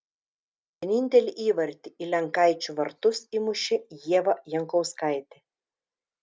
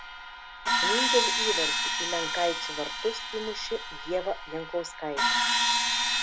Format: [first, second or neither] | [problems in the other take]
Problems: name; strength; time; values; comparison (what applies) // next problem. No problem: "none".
first | background sound (Crash cymbal); 5 dB above the speech